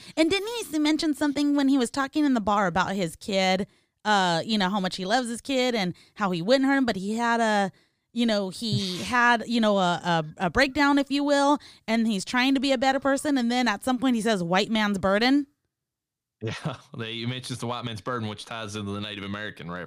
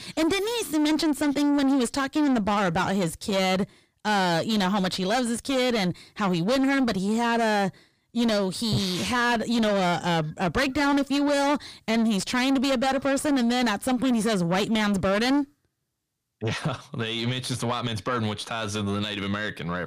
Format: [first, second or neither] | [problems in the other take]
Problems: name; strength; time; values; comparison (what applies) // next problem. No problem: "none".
first | distortion; heavy; 7 dB below the speech